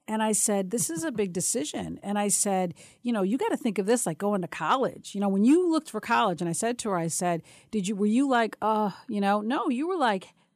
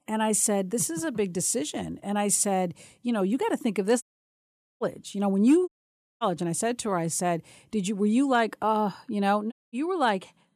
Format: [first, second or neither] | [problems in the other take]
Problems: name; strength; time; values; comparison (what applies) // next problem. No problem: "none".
first | audio cutting out; at 4 s for 1 s, at 5.5 s for 0.5 s and at 9.5 s